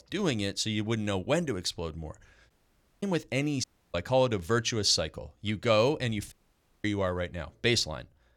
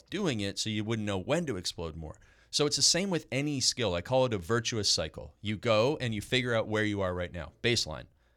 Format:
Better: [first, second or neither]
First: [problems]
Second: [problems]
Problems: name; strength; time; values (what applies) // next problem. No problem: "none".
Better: second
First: audio cutting out; at 2.5 s for 0.5 s, at 3.5 s and at 6.5 s for 0.5 s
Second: none